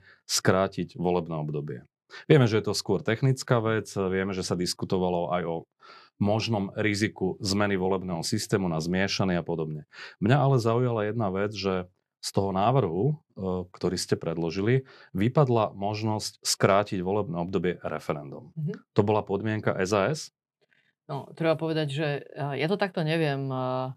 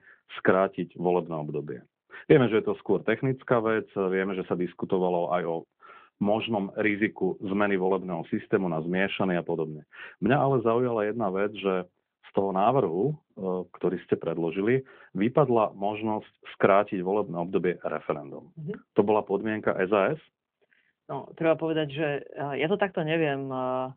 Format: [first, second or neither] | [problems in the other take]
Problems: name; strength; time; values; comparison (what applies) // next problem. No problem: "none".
first | phone-call audio